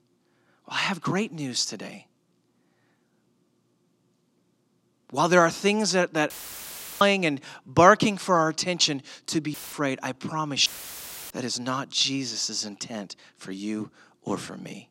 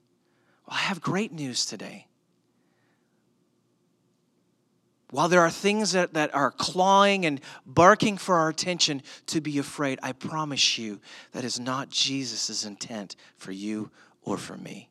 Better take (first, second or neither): second